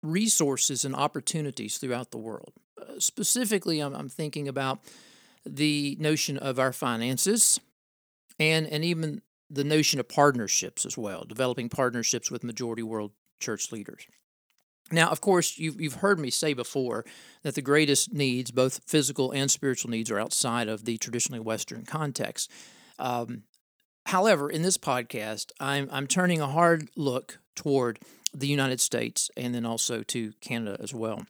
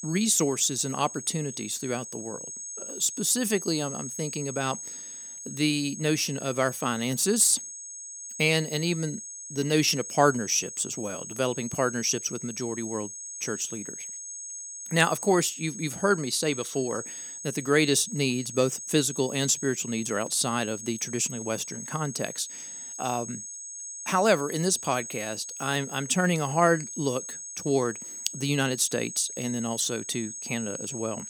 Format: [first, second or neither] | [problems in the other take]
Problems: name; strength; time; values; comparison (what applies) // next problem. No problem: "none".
first | high-pitched whine; loud; throughout; 6.5 kHz, 9 dB below the speech